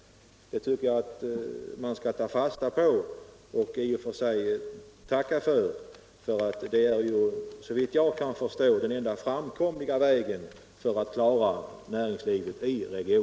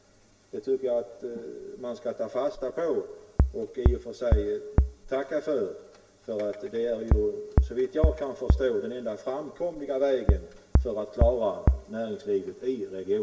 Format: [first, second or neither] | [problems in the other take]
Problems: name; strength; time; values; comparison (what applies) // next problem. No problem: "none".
first | background sound (Bass drum); 4 dB above the speech // room echo; dies away in 0.2 s